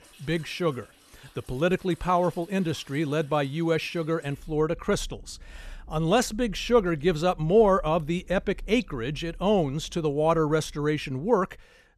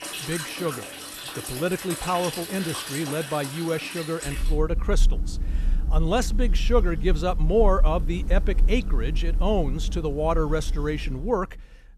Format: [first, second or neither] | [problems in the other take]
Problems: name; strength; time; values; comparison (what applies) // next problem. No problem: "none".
first | rain or running water; loud; throughout; 2 dB below the speech; faint in the first